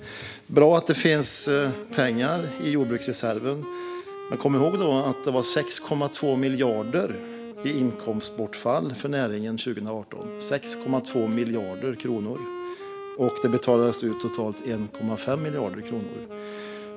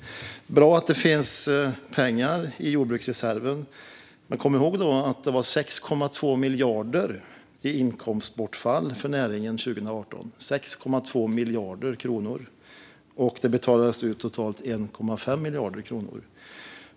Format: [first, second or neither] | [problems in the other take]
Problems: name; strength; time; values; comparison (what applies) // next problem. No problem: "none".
second | background sound (Wind instrument, woodwind instrument); 12 dB below the speech